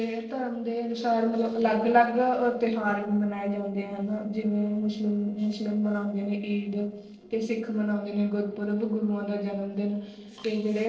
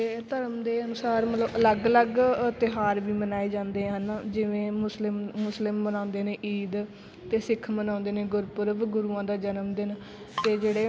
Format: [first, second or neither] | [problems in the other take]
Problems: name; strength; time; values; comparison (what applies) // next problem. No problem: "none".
second | noise reduction (neural separator model SepFormer DNS4)